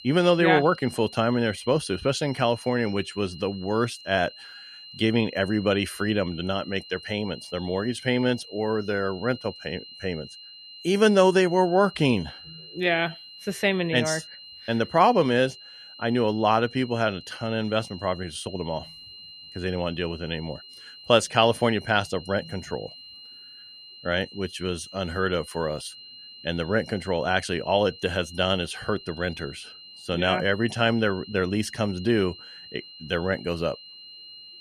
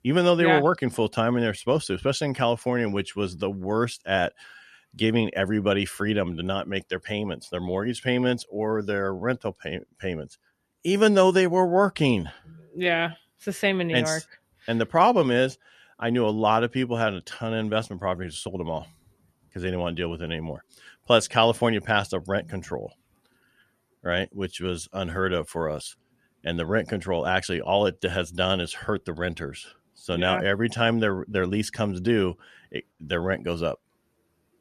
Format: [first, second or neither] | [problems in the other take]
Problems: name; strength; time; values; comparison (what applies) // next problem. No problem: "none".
second | high-pitched whine; noticeable; throughout; 4 kHz, 15 dB below the speech